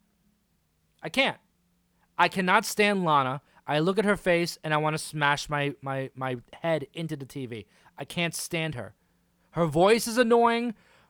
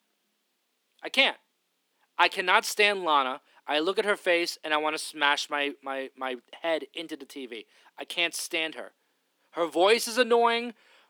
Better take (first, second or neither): first